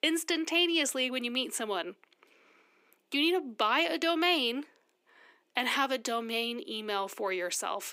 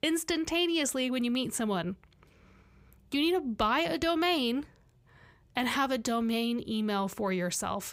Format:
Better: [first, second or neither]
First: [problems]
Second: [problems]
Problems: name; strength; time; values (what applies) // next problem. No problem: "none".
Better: second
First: thin; very slightly; fading below 250 Hz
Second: none